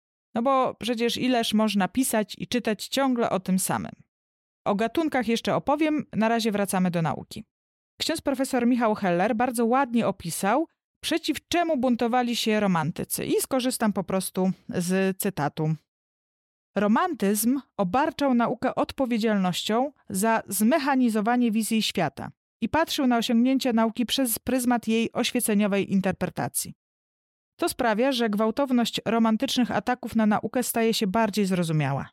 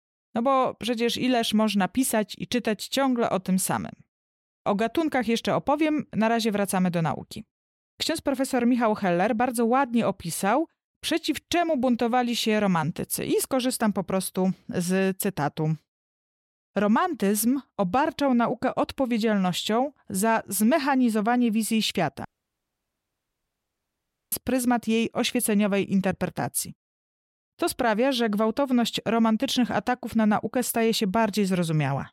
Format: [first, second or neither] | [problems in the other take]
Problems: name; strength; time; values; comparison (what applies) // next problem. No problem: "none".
first | audio cutting out; at 22 s for 2 s